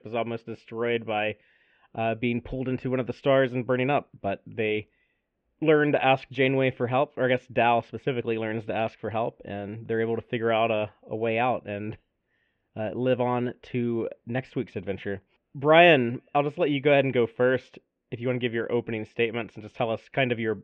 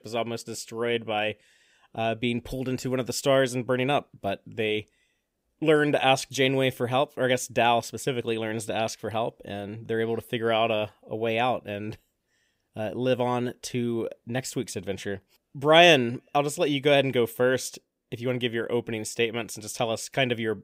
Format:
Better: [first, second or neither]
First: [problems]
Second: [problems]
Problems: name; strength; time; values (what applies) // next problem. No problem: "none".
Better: second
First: muffled; very; fading above 2.5 kHz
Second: none